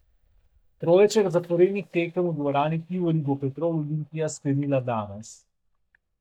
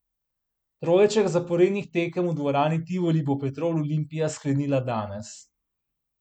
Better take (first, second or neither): second